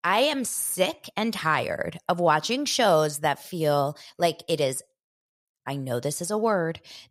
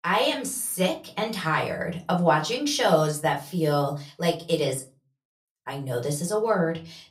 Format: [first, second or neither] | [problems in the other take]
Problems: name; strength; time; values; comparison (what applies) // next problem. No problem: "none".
first | off-mic speech; far // room echo; very slight; dies away in 0.2 s